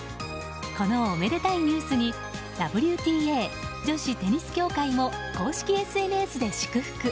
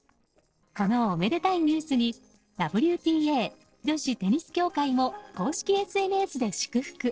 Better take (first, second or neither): first